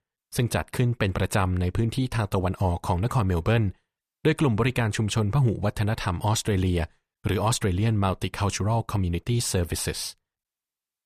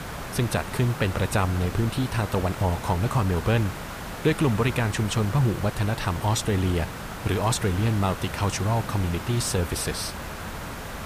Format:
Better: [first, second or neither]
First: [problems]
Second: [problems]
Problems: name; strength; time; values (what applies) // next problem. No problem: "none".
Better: first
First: none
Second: hiss; loud; throughout; 9 dB below the speech